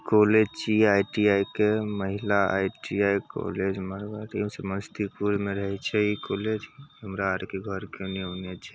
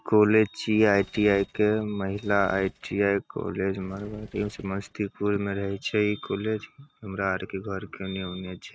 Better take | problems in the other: first | noise reduction (neural mask model RNNoise)

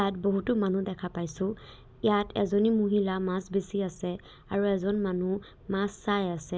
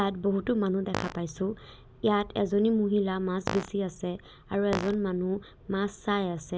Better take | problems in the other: first | background sound (Fart); 5 dB below the speech

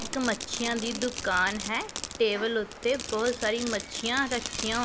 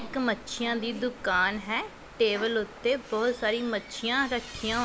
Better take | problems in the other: second | background sound (Fireworks); 9 dB below the speech

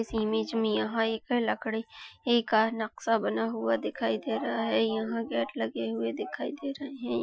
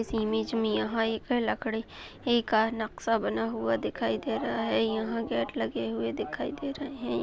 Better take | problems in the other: second | noise reduction (classical method Wiener filter)

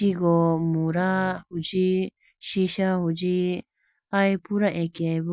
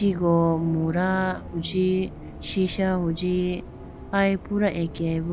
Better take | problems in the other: first | background sound (Bus); 13 dB below the speech

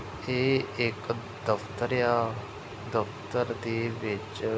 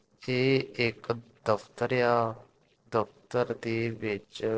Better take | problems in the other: first | noise reduction (neural separator model SepFormer DNS4)

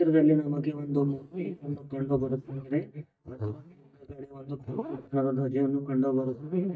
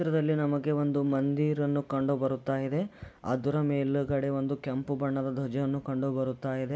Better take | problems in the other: second | noise reduction (neural mask model DeepFilterNet 3)

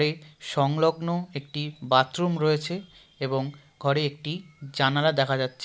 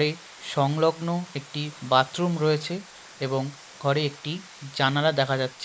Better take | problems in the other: first | noise reduction (neural mask model Resemble Enhance denoiser)

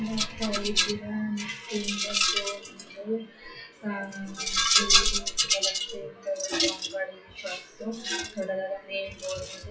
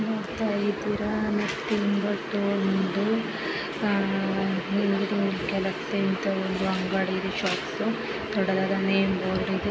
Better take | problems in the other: second | noise reduction (classical method WPE with log-MMSE)

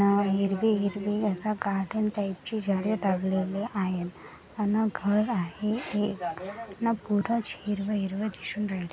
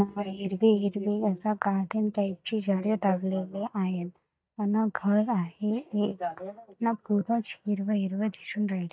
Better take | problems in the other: first | noise reduction (neural mask model DeepFilterNet 3)

